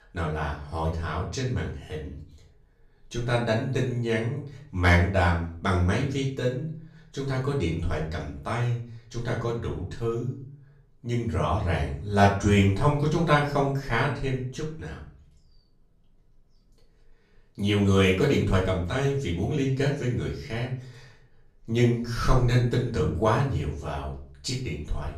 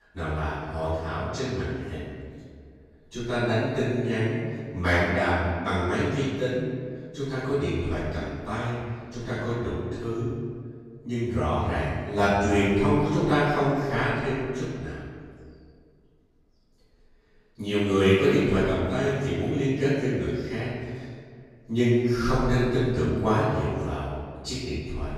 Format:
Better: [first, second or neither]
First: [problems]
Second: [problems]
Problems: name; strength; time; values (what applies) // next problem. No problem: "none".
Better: first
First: room echo; slight; dies away in 0.5 s // off-mic speech; far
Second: room echo; strong; dies away in 1.8 s // off-mic speech; far